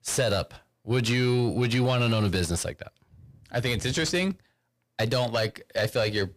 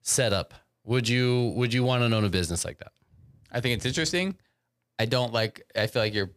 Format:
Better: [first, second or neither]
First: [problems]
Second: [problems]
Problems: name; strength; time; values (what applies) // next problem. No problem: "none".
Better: second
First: distortion; slight; 10 dB below the speech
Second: none